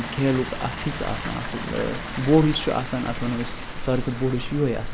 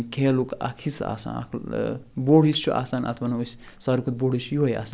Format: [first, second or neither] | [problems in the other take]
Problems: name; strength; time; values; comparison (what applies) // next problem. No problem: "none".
second | background sound (Water); 6 dB below the speech